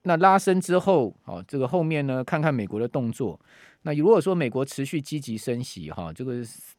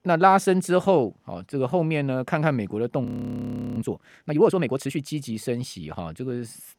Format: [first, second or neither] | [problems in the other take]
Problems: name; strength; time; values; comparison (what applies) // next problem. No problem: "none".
first | audio freezing; at 3 s for 0.5 s